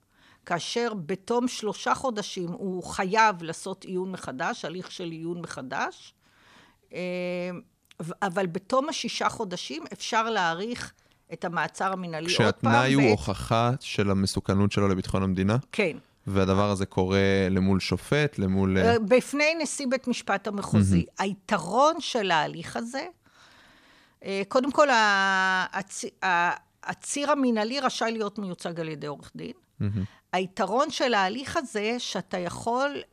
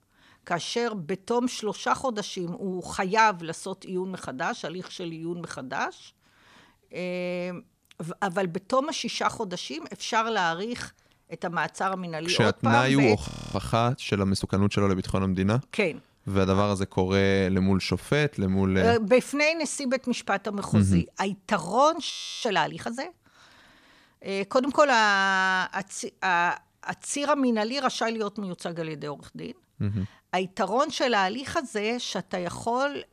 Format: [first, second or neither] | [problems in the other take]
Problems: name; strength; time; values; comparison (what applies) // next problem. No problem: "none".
first | audio freezing; at 13 s and at 22 s